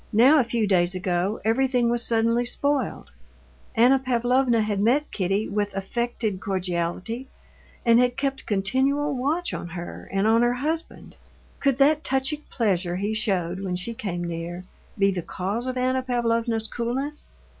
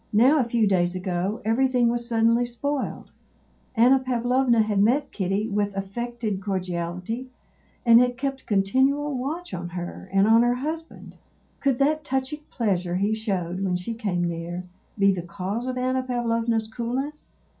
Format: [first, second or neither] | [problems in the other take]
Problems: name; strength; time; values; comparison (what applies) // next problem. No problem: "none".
first | room echo; dies away in 0.3 s